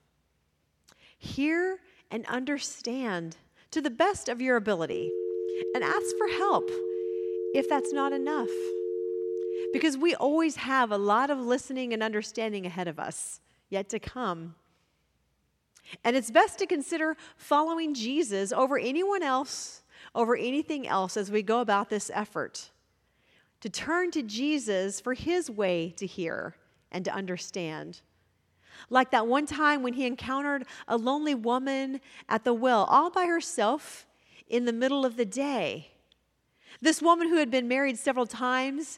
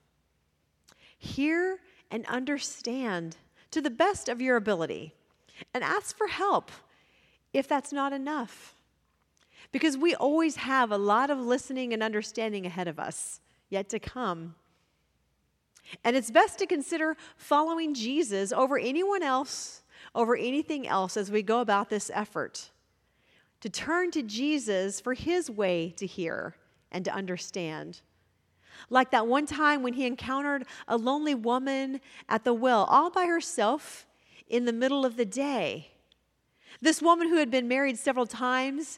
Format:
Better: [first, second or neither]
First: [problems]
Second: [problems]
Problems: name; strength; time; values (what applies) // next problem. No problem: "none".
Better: second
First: phone ringing; noticeable; from 5 to 10 s; peak 4 dB below the speech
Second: none